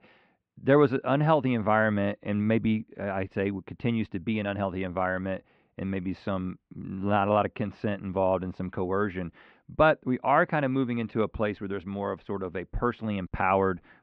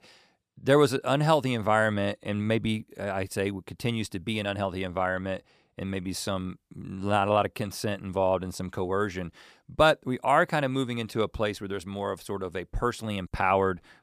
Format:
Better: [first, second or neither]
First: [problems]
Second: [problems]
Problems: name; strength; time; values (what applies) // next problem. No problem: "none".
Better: second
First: muffled; very; fading above 2.5 kHz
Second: none